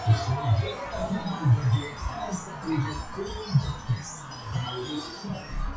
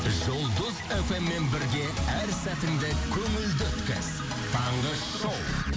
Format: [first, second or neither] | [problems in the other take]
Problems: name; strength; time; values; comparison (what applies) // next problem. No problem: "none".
second | noise reduction (classical method WPE with log-MMSE)